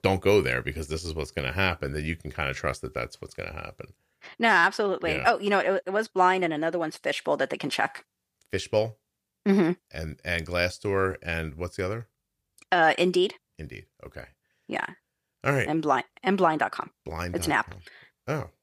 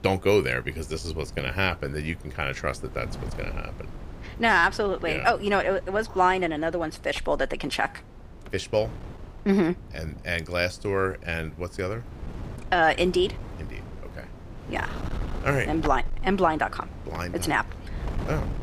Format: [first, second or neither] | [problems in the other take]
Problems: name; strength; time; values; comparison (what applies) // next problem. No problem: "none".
first | wind noise on the microphone; occasional gusts; 20 dB below the speech